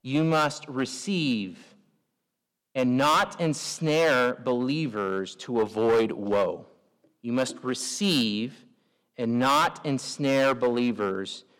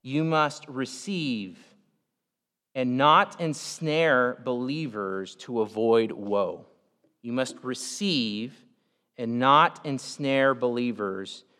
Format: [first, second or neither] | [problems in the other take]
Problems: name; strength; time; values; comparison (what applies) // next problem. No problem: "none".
second | distortion; heavy; 6% of the sound clipped